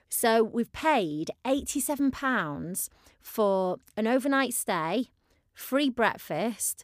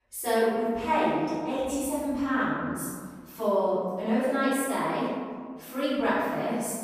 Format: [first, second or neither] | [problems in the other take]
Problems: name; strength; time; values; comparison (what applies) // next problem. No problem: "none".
first | off-mic speech; far // room echo; strong; dies away in 1.6 s